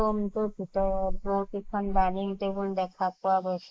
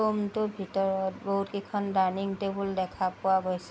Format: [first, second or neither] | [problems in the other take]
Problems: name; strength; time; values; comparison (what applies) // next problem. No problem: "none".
second | noise reduction (neural mask model Resemble Enhance denoiser)